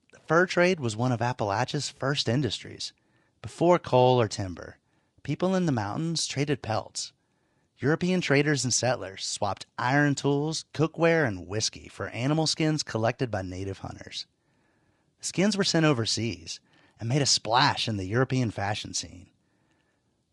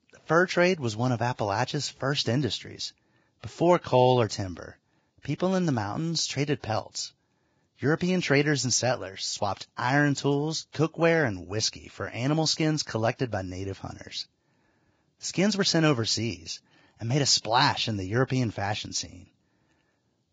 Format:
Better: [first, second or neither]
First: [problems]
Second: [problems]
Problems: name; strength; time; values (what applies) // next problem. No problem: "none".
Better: first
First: garbled, watery; slightly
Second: garbled, watery; badly; nothing above 7.5 kHz